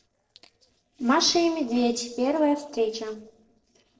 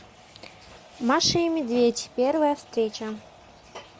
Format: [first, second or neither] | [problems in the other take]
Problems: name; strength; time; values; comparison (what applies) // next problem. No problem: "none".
second | noise reduction (neural separator model SepFormer DNS4)